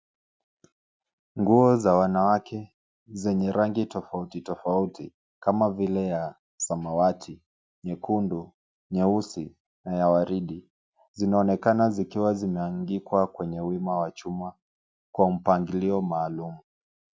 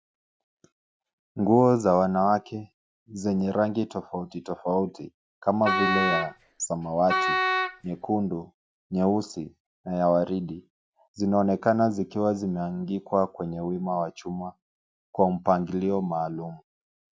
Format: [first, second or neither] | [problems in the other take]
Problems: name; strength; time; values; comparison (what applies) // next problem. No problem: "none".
first | background sound (Wind instrument, woodwind instrument); 1 dB below the speech